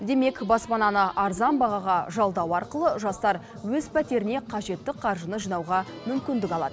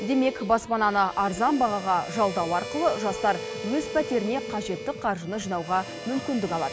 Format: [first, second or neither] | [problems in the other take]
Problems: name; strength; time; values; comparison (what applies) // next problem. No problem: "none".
first | background sound (Harmonica); 11 dB below the speech